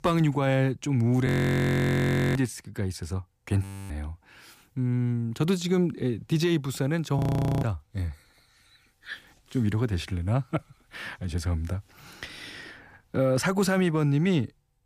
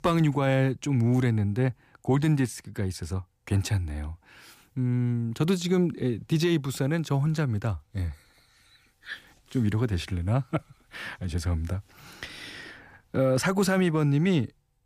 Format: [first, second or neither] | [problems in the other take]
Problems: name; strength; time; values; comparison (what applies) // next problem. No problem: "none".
second | audio freezing; at 1.5 s for 1 s, at 3.5 s and at 7 s